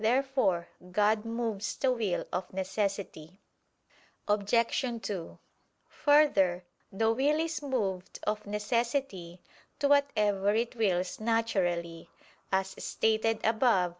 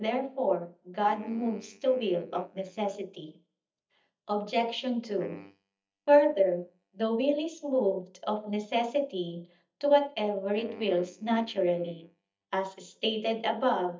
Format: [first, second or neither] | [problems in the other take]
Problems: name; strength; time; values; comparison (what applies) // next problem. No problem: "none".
first | noise reduction (neural mask model DeepFilterNet 3)